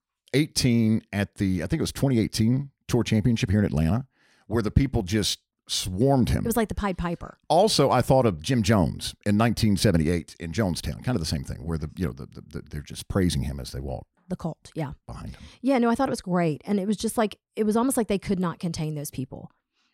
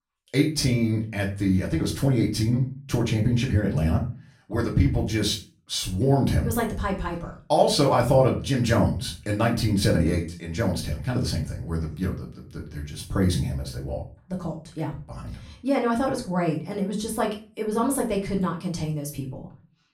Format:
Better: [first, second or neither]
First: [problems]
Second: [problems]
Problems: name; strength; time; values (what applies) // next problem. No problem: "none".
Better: first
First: none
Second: room echo; slight; dies away in 0.3 s // off-mic speech; far